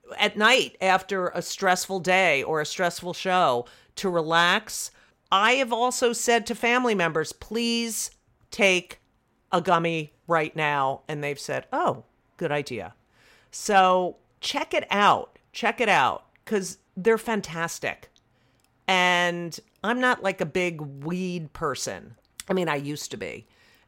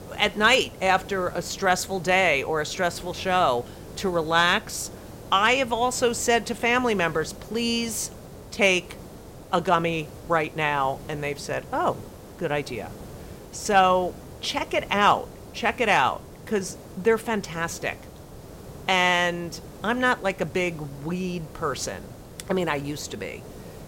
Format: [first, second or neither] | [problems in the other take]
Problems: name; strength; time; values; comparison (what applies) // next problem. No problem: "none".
first | hiss; noticeable; throughout; 20 dB below the speech